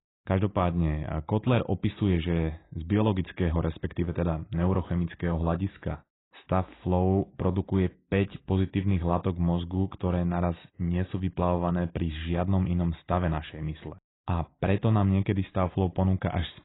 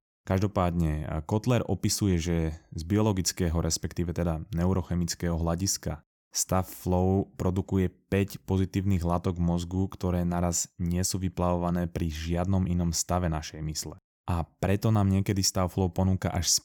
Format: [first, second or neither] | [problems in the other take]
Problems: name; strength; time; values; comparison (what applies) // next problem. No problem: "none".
second | garbled, watery; badly; nothing above 4 kHz